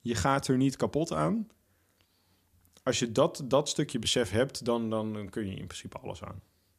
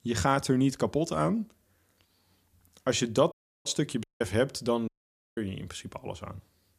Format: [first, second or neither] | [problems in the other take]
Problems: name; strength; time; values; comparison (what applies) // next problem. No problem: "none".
first | audio cutting out; at 3.5 s, at 4 s and at 5 s